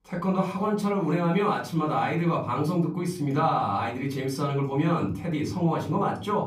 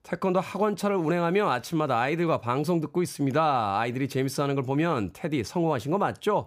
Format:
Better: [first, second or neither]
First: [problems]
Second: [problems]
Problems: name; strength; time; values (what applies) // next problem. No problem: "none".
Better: second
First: off-mic speech; far // room echo; slight; dies away in 0.5 s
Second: none